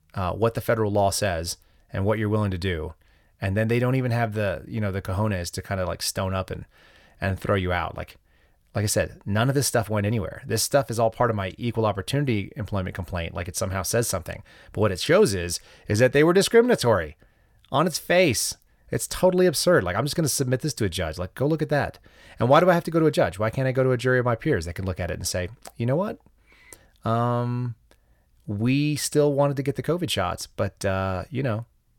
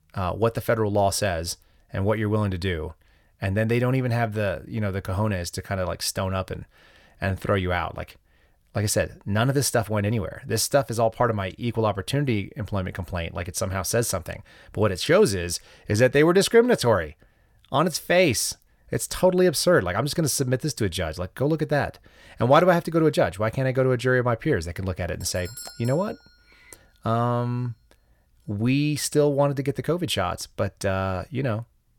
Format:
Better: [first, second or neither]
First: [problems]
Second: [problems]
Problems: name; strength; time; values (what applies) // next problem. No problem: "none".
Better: first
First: none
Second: doorbell; faint; at 25 s; peak 15 dB below the speech